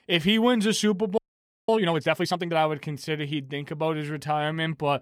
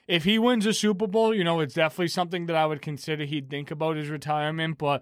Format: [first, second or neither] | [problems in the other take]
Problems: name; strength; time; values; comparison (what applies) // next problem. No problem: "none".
second | audio freezing; at 1 s for 0.5 s